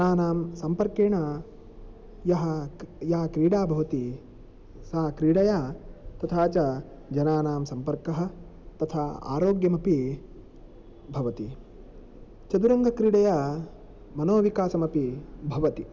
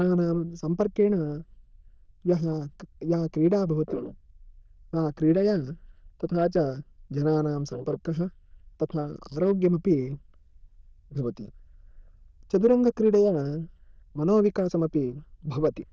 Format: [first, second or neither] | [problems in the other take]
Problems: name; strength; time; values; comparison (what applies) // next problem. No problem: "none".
first | noise reduction (neural diffusion model UNIVERSE++)